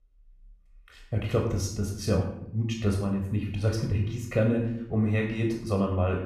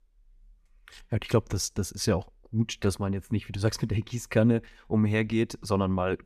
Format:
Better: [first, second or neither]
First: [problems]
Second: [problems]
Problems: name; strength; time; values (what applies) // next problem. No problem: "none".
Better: second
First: off-mic speech; somewhat distant // room echo; noticeable; dies away in 0.7 s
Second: none